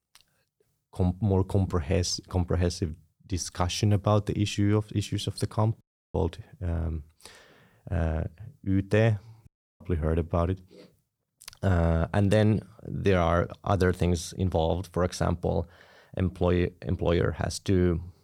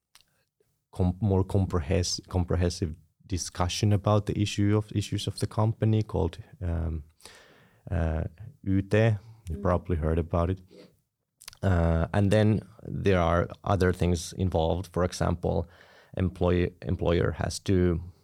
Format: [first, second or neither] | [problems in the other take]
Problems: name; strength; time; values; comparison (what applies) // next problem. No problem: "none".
second | audio cutting out; at 6 s and at 9.5 s